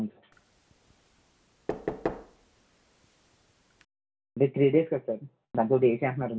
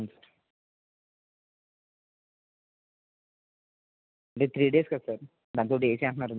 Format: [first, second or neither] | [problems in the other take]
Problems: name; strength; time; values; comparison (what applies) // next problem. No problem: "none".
second | background sound (Knock / Wood); 10 dB below the speech // room echo; dies away in 0.2 s